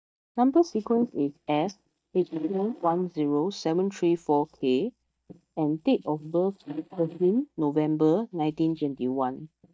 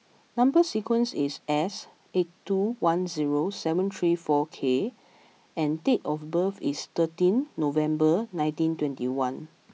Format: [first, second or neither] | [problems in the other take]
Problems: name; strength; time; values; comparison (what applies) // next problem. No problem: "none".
second | noise reduction (neural mask model DeepFilterNet 3)